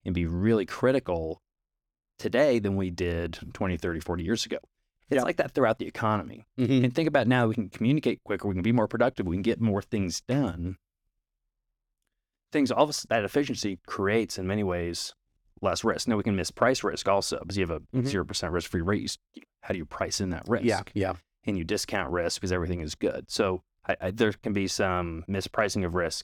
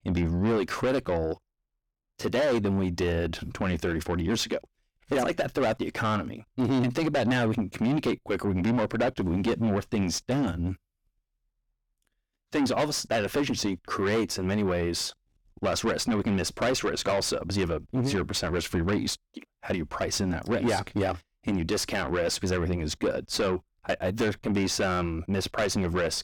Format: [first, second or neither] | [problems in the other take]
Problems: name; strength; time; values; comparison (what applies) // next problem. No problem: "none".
first | distortion; heavy; 6 dB below the speech